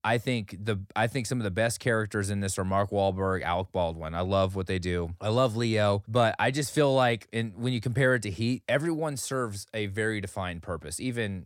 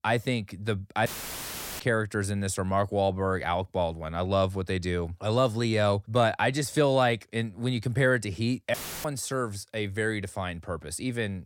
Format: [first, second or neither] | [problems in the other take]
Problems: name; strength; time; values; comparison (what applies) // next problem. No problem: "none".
first | audio cutting out; filled with static; at 1 s for 0.5 s and at 8.5 s